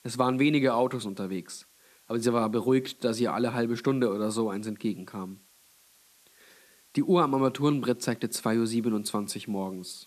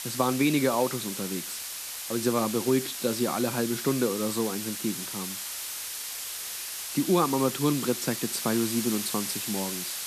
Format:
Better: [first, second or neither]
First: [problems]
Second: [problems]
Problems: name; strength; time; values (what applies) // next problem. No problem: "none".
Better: first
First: hiss; faint; throughout; 30 dB below the speech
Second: hiss; loud; throughout; 4 dB below the speech